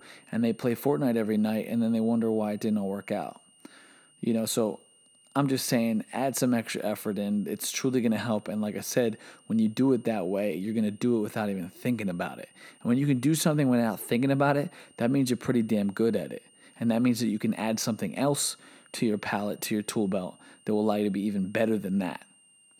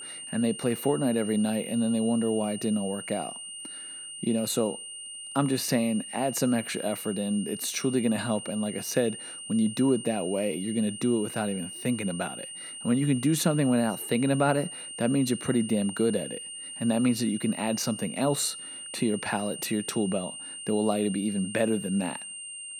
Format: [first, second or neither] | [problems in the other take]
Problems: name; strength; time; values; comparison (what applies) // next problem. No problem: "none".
first | high-pitched whine; loud; throughout; 9 kHz, 9 dB below the speech; faint in the first